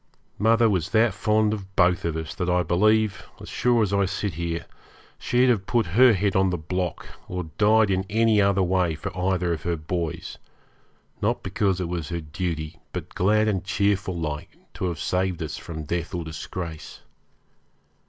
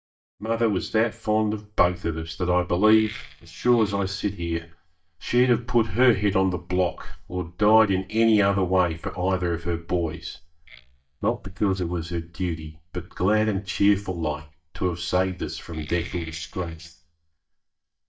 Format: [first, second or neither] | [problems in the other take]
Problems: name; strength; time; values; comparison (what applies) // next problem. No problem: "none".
first | noise reduction (neural mask model DeepFilterNet 3)